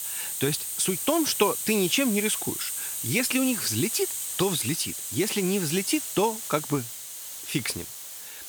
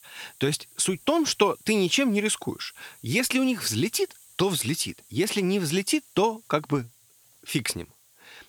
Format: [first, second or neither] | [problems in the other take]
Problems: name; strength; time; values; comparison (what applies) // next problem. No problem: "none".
second | hiss; loud; throughout; 3 dB below the speech; faint in the second